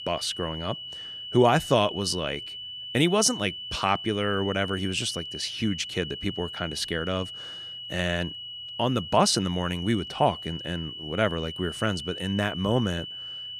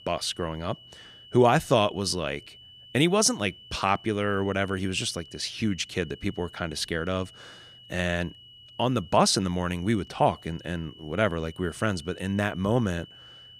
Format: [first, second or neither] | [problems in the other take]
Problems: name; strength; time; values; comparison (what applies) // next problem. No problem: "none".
second | high-pitched whine; loud; throughout; 3 kHz, 8 dB below the speech; faint in the second